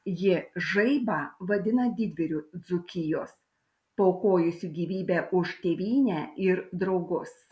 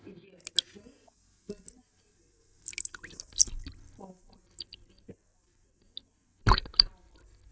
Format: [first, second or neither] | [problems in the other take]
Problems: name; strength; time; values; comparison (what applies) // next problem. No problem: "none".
first | noise reduction (neural mask model DeepFilterNet 3)